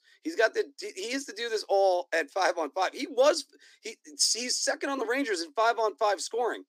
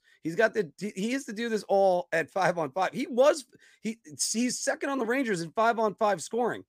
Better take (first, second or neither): second